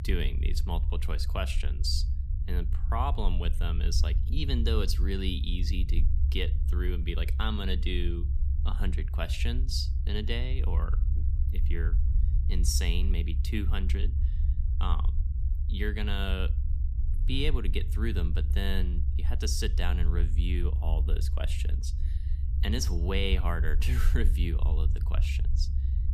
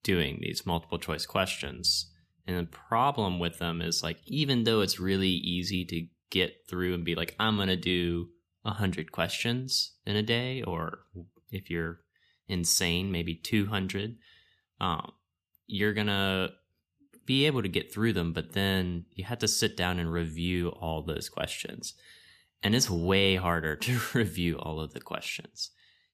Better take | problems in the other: second | low rumble; noticeable; throughout; 10 dB below the speech

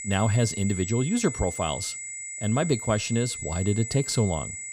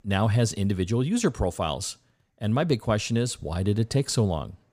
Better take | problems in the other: second | high-pitched whine; loud; throughout; 8 kHz, 7 dB below the speech

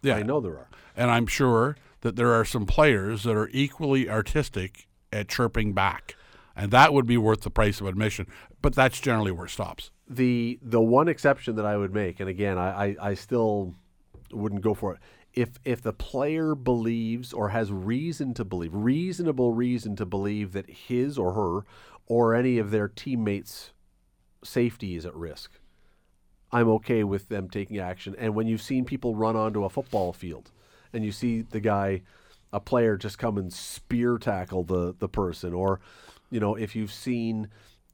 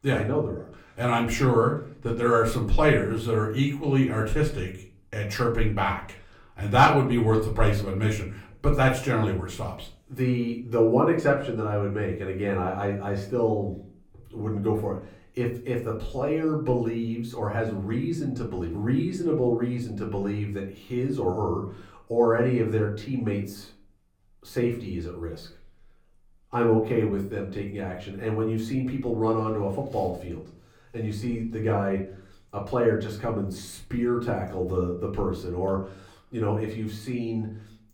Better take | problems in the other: first | off-mic speech; far // room echo; slight; dies away in 0.4 s

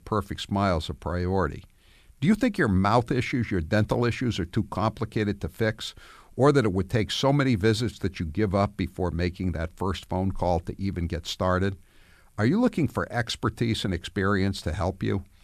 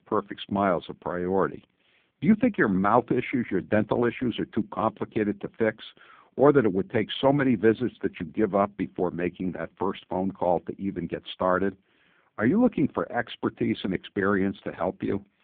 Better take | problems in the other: first | phone-call audio; poor line

